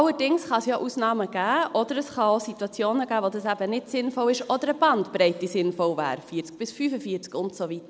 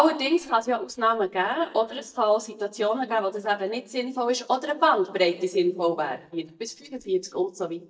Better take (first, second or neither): first